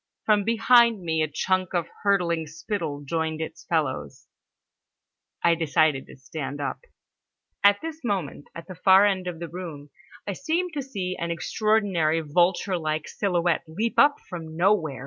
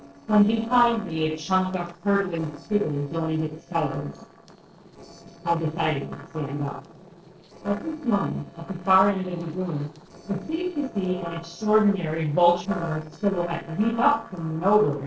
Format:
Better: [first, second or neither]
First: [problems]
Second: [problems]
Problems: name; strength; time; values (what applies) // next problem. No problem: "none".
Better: first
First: none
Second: noise reduction (neural separator model SepFormer DNS4)